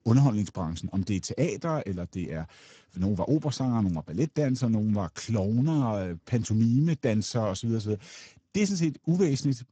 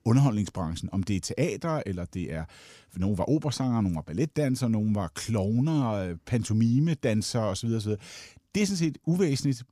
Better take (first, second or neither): second